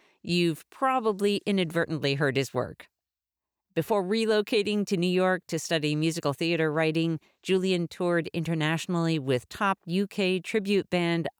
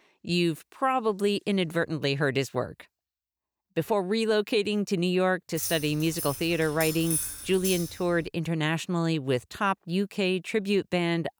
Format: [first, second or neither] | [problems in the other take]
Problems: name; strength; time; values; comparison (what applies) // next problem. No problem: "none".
first | jangling keys; noticeable; from 5.5 to 8.5 s; peak 1 dB below the speech